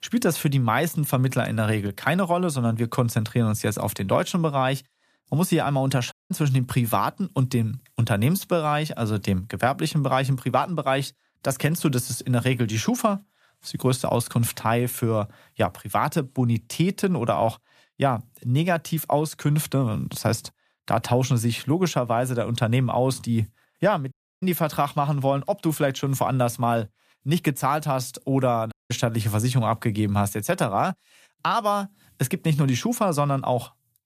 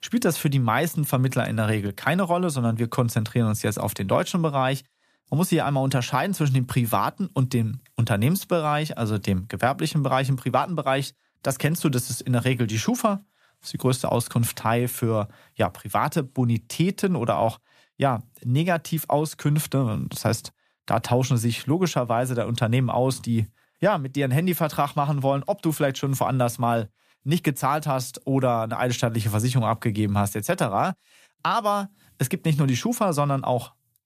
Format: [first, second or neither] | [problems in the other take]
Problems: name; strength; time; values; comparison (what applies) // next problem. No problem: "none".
second | audio cutting out; at 6 s, at 24 s and at 29 s